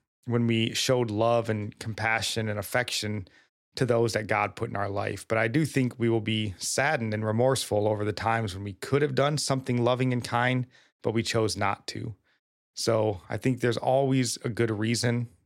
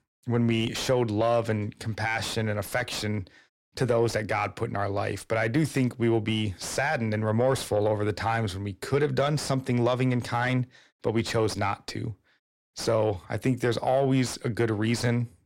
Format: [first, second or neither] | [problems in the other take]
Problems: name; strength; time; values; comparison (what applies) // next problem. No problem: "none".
first | distortion; slight; 10 dB below the speech